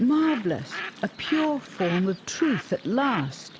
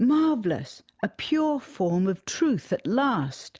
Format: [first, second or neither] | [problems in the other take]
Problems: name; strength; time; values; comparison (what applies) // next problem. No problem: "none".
second | background sound (Bird); 12 dB below the speech